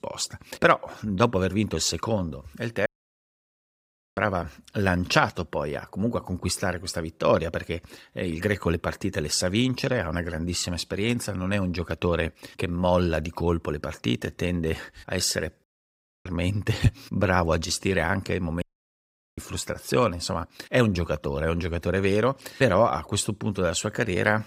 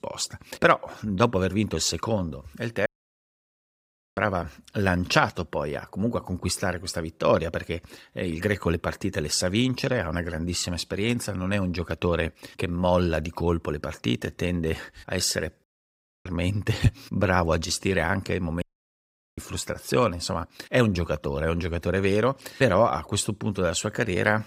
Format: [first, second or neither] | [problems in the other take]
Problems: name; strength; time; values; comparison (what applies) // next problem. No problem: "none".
neither | audio cutting out; at 3 s for 1.5 s, at 16 s for 0.5 s and at 19 s for 1 s; the same in both